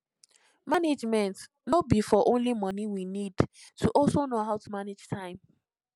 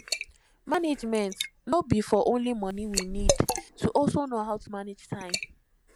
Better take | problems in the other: first | background sound (Liquid); 6 dB below the speech

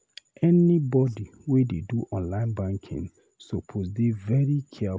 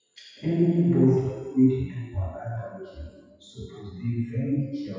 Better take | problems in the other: first | noise reduction (classical method WPE with log-MMSE)

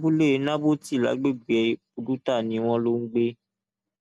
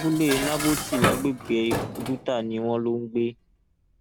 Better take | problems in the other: first | background sound (Dishes, pots, and pans); 5 dB below the speech

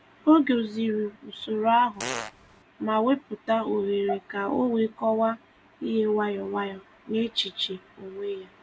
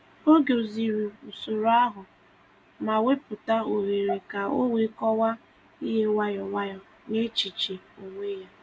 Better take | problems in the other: second | background sound (Fart); 8 dB below the speech

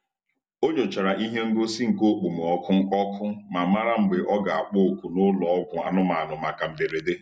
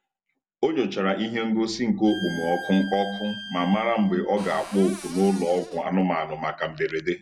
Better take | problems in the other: first | background sound (Cupboard open or close + Bowed string instrument); 15 dB below the speech

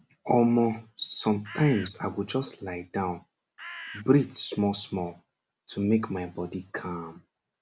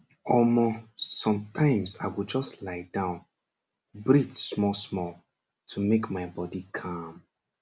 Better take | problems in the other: second | background sound (Bird); 12 dB below the speech

